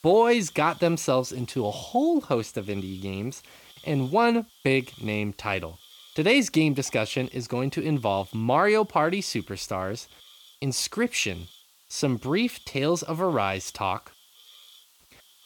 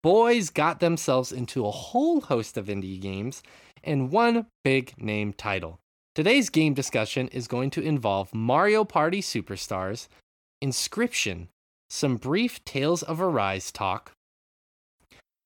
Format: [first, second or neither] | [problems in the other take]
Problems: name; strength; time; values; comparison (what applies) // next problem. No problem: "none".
second | hiss; faint; throughout; 25 dB below the speech